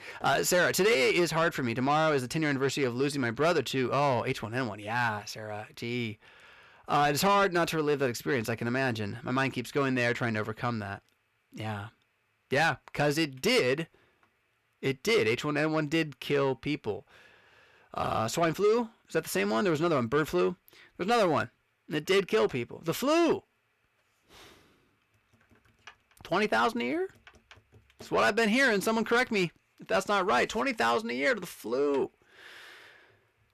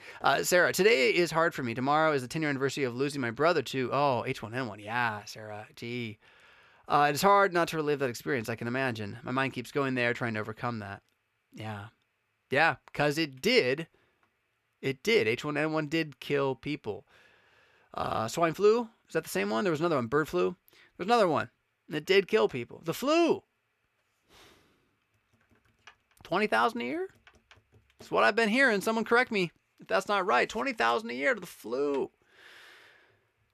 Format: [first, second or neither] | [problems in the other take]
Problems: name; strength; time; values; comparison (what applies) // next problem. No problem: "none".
second | distortion; slight; 10 dB below the speech